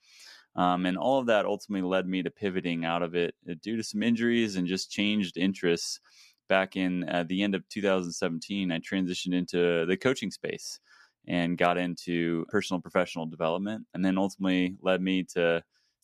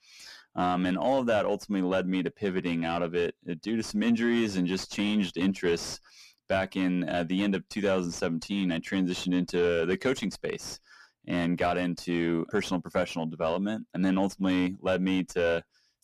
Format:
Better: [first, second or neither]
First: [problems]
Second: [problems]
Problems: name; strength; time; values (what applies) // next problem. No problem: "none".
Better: first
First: none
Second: distortion; slight; 10 dB below the speech